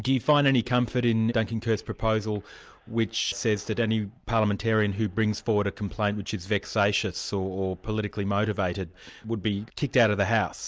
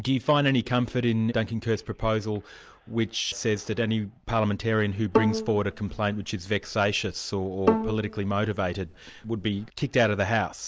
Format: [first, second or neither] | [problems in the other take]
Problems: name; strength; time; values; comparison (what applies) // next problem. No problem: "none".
first | background sound (Bowed string instrument); 4 dB below the speech